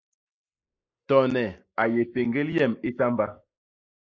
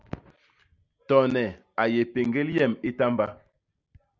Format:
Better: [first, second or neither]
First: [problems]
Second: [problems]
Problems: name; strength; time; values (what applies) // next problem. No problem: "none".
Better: second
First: noise reduction (neural mask model Resemble Enhance denoiser)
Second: none